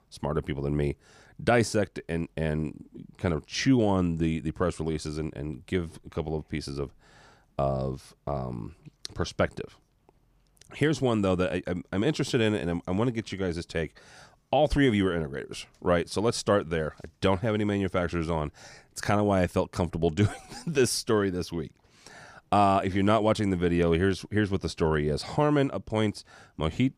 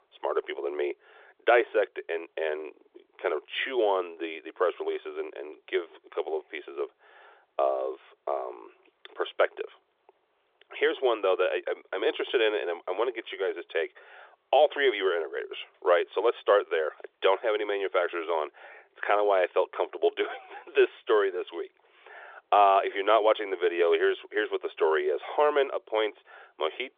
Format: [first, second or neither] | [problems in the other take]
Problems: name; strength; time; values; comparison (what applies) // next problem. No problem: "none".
first | phone-call audio; nothing above 3.5 kHz